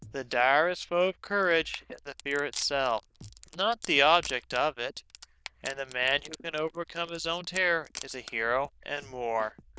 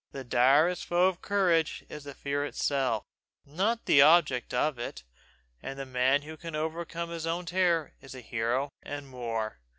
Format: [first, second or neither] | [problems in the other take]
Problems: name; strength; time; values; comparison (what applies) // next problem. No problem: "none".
second | noise reduction (neural diffusion model UNIVERSE++)